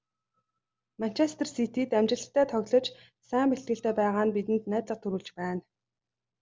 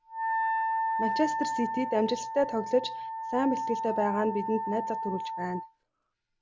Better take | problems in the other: first | background sound (Wind instrument, woodwind instrument); 1 dB below the speech

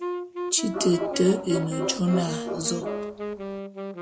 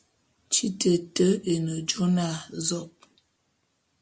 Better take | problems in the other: second | background sound (Wind instrument, woodwind instrument + Bark); 4 dB below the speech

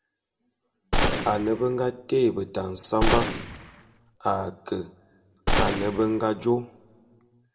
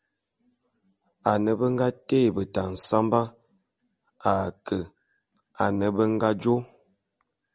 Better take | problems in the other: second | background sound (Gunshot, gunfire); as loud as the speech // room echo; dies away in 0.5 s

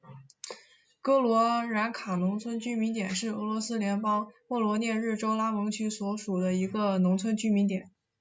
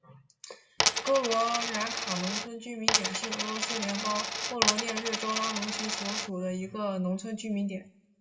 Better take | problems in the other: first | background sound (Coin (dropping)); 2 dB above the speech // room echo; dies away in 0.6 s

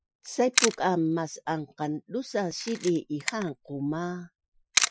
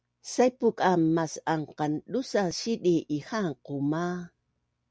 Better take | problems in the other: second | noise reduction (classical method Wiener filter)

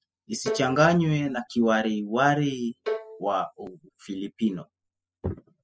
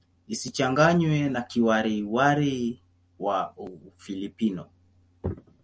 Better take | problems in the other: second | noise reduction (classical method spectral subtraction)

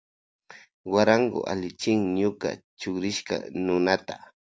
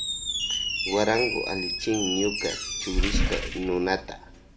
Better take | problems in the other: first | background sound (Squeak); as loud as the speech // room echo; dies away in 0.5 s

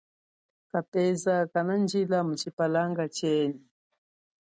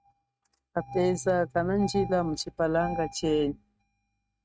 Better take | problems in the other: first | noise reduction (neural mask model RNNoise)

